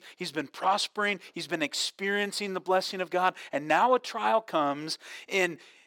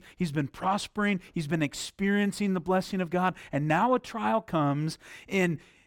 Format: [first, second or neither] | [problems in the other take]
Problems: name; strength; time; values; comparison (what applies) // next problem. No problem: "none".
second | thin; somewhat; fading below 450 Hz